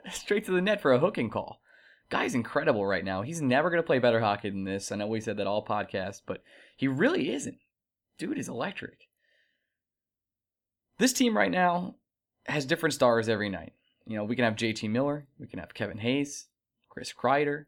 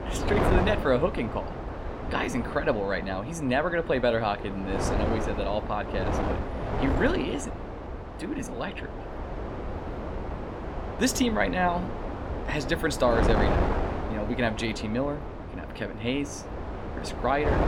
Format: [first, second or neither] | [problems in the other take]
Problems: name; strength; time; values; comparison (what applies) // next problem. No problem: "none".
first | wind noise on the microphone; heavy; 5 dB below the speech